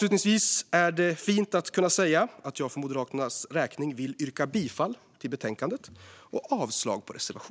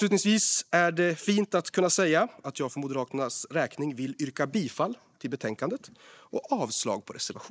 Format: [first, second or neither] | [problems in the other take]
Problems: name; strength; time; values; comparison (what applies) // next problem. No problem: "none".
first | noise reduction (neural mask model Resemble Enhance denoiser)